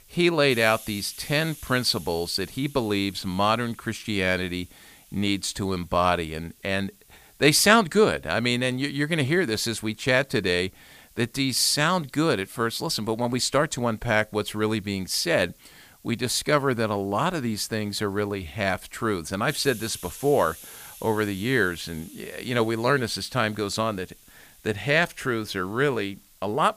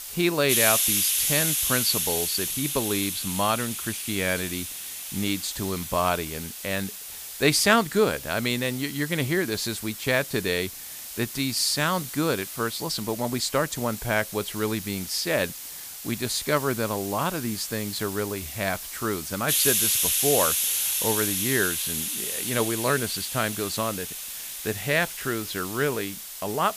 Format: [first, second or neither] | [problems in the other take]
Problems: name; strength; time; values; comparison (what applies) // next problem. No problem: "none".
first | hiss; loud; throughout; 1 dB below the speech; faint in the first